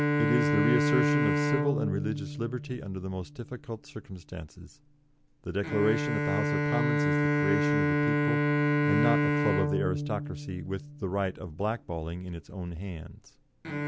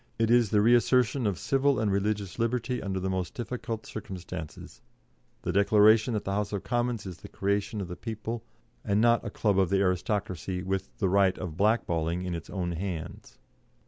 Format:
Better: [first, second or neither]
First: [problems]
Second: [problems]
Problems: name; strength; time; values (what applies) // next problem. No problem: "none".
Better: second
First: background sound (Bowed string instrument); 3 dB above the speech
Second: none